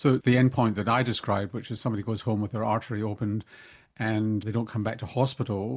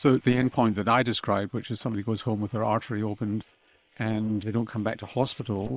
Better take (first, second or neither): first